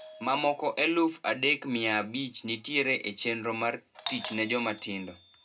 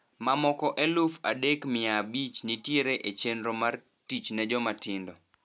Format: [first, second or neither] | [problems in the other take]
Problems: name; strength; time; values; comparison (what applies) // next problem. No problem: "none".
second | background sound (Doorbell); 17 dB below the speech // room echo; dies away in 0.2 s